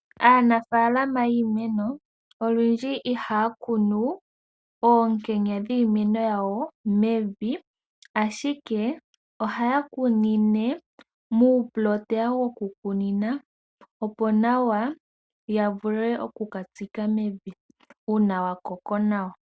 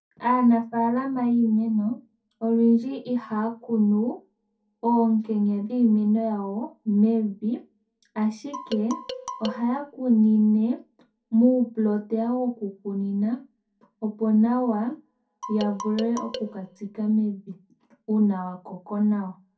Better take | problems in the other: first | background sound (Marimba, xylophone); 12 dB below the speech // room echo; dies away in 0.3 s

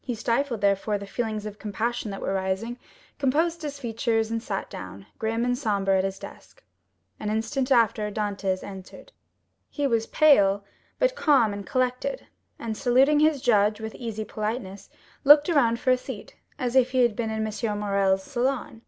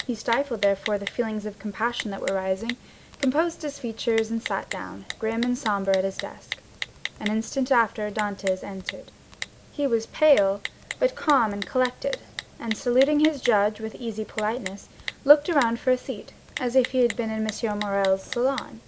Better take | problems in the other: first | background sound (Typing); 13 dB below the speech

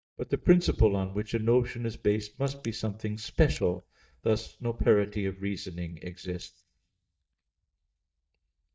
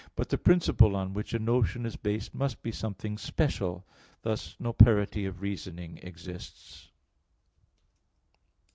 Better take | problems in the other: second | noise reduction (neural mask model DeepFilterNet 3)

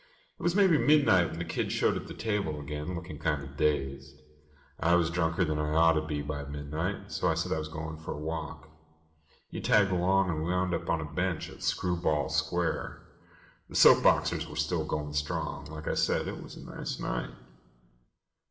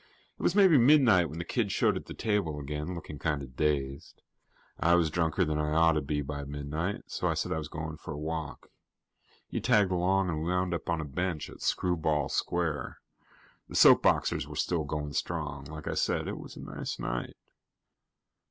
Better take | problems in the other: second | room echo; dies away in 1 s

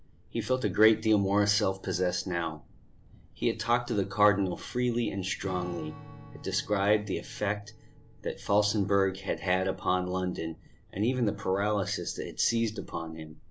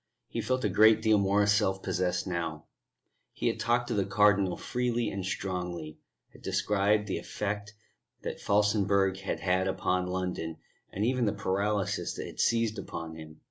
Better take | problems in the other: second | background sound (Thunder + Strum); 19 dB below the speech

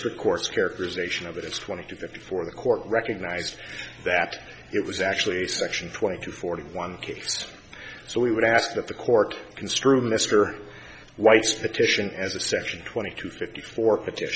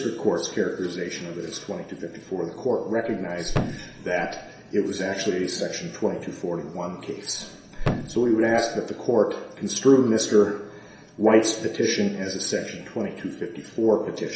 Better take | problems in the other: first | background sound (Thump, thud); 6 dB below the speech // room echo; dies away in 0.7 s

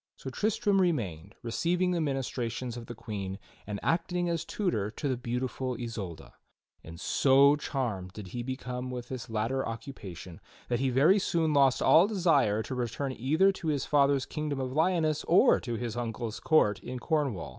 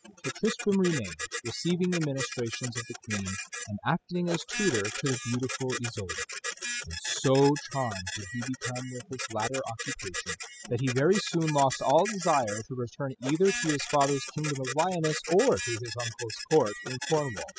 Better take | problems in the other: first | noise reduction (classical method spectral subtraction)

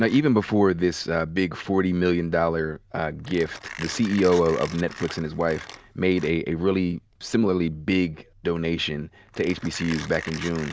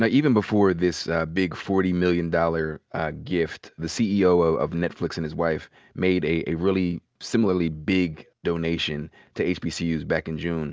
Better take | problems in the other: second | background sound (Mechanisms); 18 dB below the speech

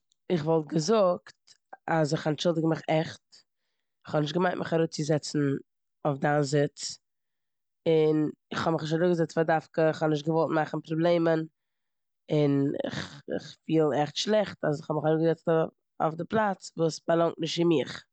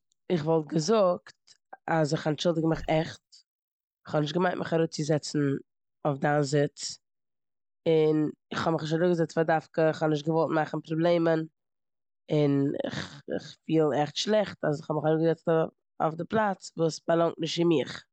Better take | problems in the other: first | noise reduction (neural mask model Resemble Enhance denoiser)

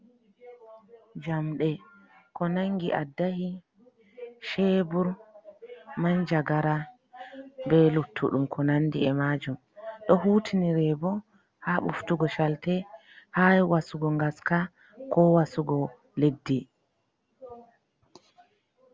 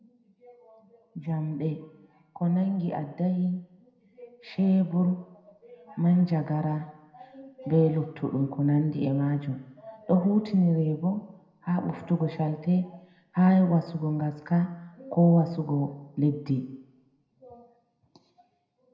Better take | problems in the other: first | room echo; dies away in 0.7 s

